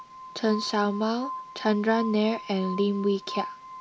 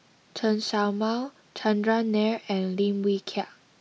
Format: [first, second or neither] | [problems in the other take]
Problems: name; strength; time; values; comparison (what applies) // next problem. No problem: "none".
second | background sound (Glass); 12 dB below the speech